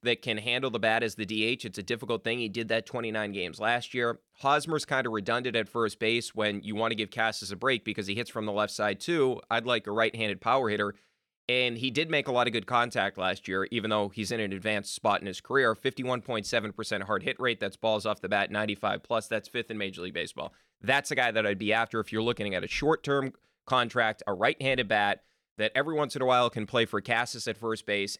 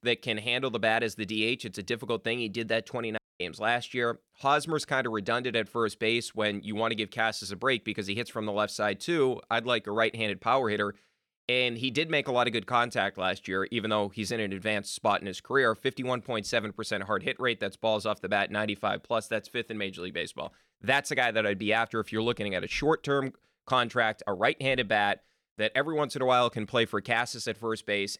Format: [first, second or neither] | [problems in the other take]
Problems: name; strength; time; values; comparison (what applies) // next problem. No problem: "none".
first | audio cutting out; at 3 s